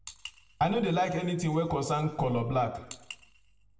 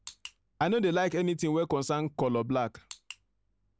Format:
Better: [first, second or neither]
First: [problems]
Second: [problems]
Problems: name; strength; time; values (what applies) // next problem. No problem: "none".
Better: second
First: room echo; dies away in 0.8 s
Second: none